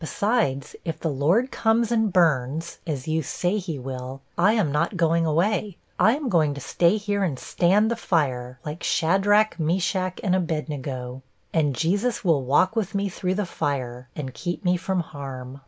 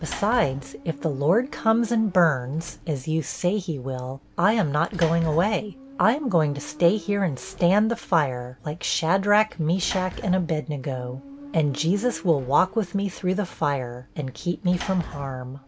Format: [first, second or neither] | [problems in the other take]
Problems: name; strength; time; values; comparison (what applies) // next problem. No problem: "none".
first | background sound (Motorcycle + Sliding door / Slam); 18 dB below the speech